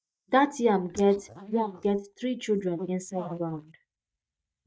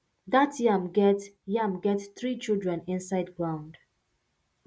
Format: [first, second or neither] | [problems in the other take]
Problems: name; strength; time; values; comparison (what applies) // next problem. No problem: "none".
second | noise reduction (neural mask model DeepFilterNet 3)